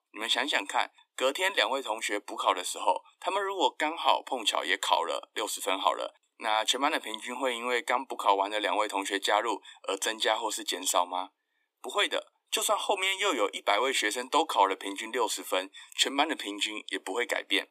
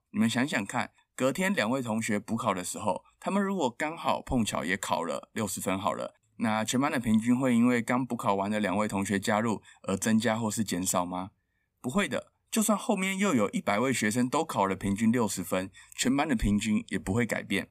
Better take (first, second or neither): second